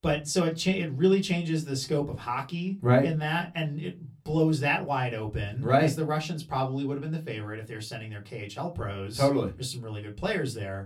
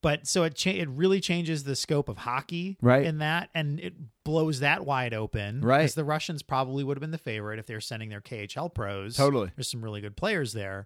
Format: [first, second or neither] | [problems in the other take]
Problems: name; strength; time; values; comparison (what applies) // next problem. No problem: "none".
second | off-mic speech; somewhat distant // room echo; very slight; dies away in 0.2 s